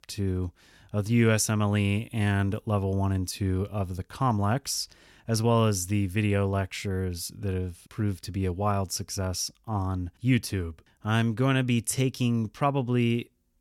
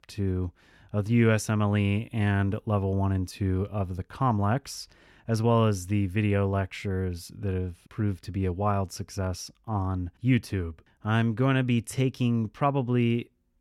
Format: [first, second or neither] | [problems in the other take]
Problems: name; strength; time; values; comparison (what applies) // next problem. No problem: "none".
first | muffled; slightly; fading above 3.5 kHz